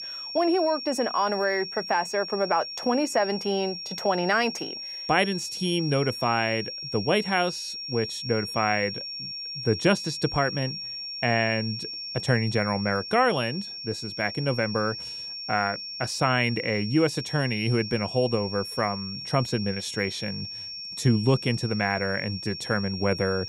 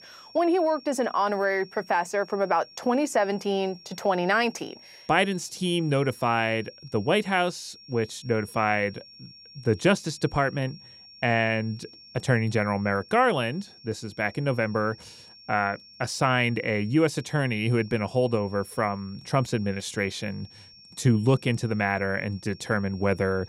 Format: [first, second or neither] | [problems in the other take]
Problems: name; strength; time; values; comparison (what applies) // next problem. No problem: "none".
second | high-pitched whine; loud; throughout; 5.5 kHz, 7 dB below the speech; faint in the second